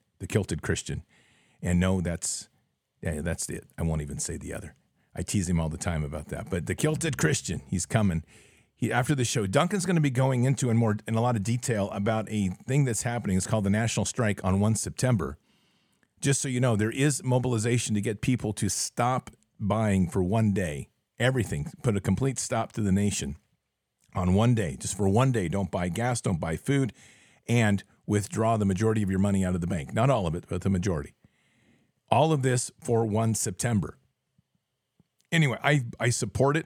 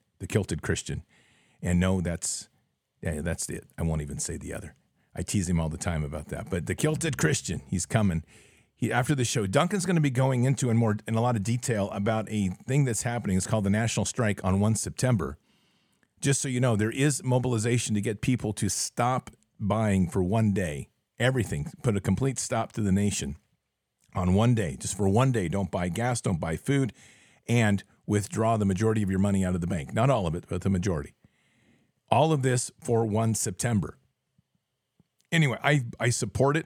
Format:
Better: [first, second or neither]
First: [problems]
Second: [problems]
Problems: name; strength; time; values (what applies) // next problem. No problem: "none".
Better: neither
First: none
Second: none